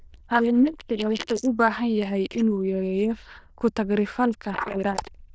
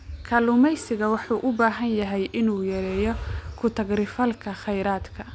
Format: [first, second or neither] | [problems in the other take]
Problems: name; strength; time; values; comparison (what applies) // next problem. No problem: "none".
second | noise reduction (neural diffusion model UNIVERSE++)